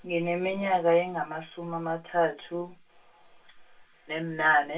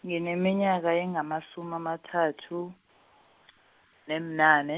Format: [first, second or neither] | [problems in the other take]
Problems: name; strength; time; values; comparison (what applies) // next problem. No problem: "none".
second | room echo; dies away in 0.2 s